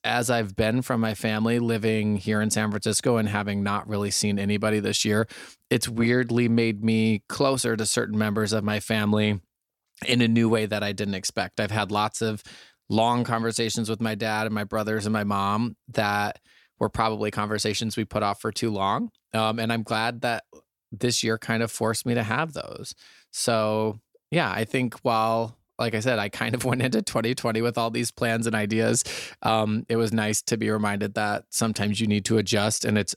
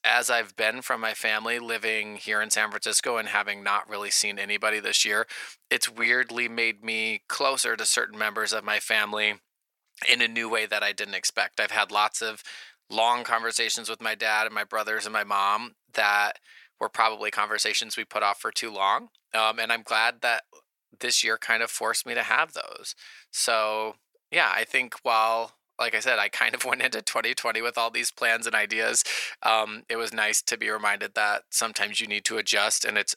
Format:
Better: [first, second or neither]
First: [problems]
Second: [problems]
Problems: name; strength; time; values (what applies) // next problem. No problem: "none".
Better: first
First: none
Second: thin; very; fading below 750 Hz